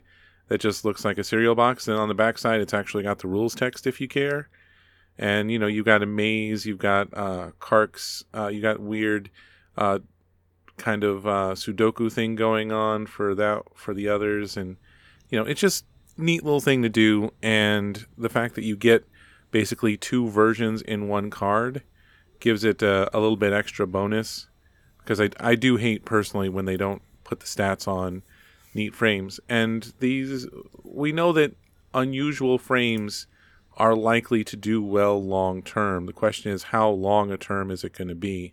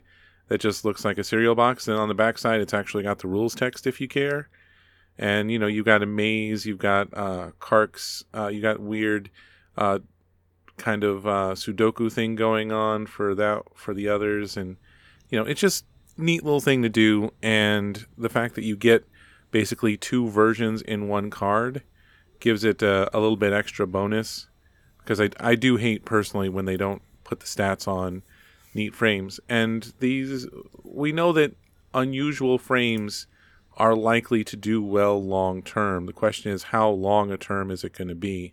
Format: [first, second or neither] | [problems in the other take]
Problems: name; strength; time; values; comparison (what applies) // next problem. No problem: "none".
neither | none